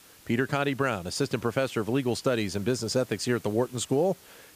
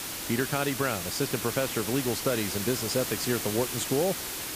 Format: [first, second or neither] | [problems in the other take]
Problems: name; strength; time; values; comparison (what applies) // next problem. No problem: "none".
first | hiss; loud; throughout; 2 dB below the speech; faint in the first